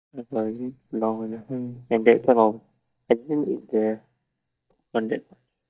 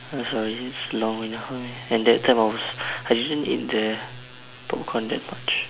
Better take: second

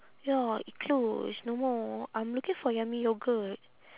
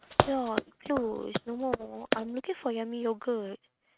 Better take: first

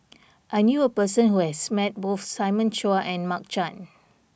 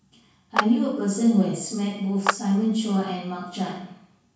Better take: first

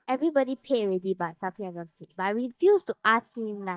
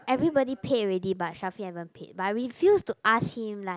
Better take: second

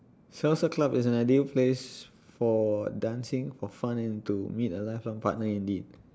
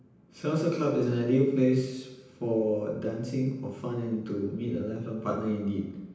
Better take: first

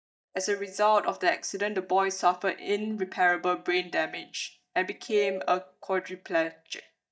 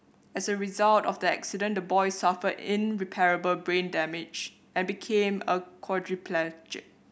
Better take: second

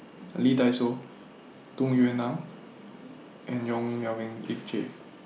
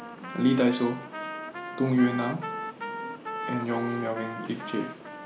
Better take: first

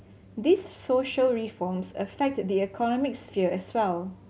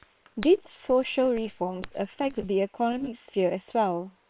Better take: first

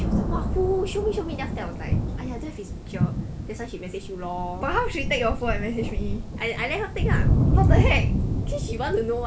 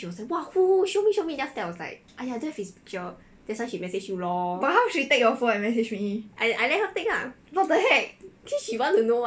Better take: second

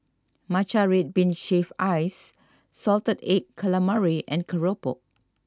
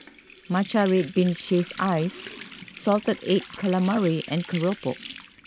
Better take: first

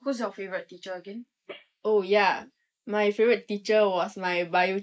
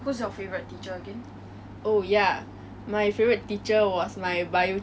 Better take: second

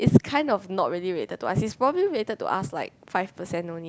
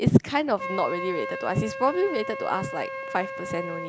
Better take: first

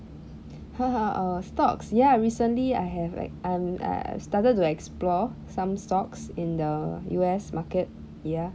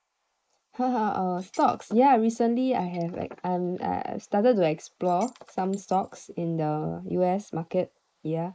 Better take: first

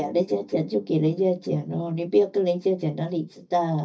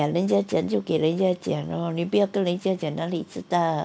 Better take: second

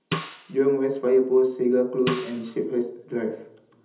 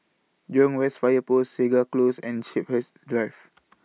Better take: second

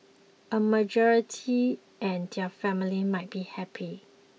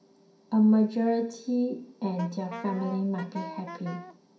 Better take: first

